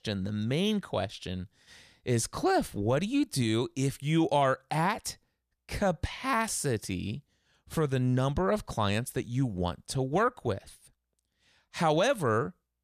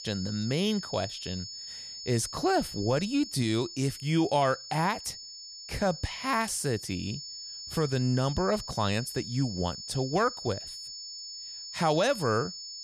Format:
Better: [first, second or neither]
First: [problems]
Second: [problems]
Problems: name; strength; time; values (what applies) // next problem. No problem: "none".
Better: first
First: none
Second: high-pitched whine; loud; throughout; 5 kHz, 9 dB below the speech